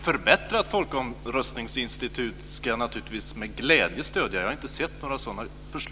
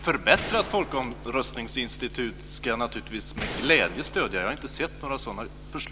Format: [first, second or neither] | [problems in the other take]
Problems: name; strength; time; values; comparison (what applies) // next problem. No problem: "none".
first | background sound (Gunshot, gunfire); 12 dB below the speech